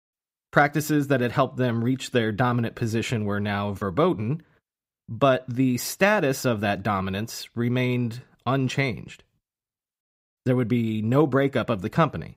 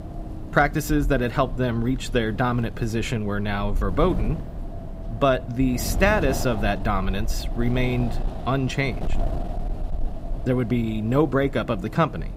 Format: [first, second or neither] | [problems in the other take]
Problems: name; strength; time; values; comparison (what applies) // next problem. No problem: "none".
first | wind noise on the microphone; occasional gusts; 15 dB below the speech